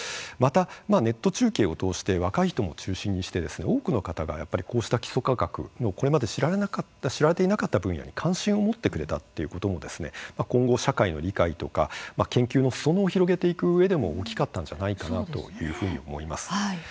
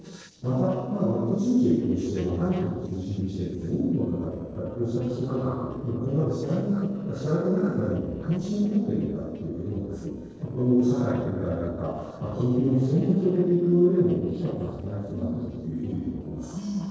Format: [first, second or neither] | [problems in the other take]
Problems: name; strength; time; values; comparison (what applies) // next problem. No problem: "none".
first | noise reduction (neural separator model SepFormer DNS4)